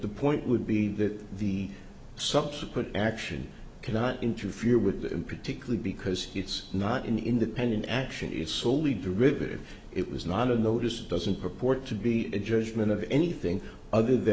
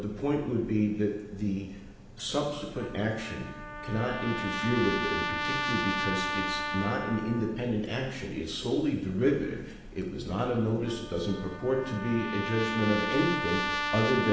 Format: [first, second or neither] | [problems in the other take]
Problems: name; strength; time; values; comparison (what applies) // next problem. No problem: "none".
first | background sound (Trumpet); 6 dB below the speech // room echo; dies away in 1.1 s